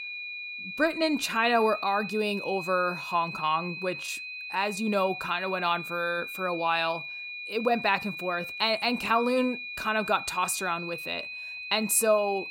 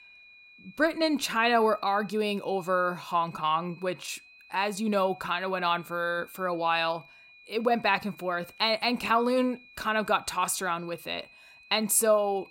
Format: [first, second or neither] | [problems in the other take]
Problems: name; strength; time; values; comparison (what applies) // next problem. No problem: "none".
second | high-pitched whine; loud; throughout; 2.5 kHz, 8 dB below the speech; faint in the second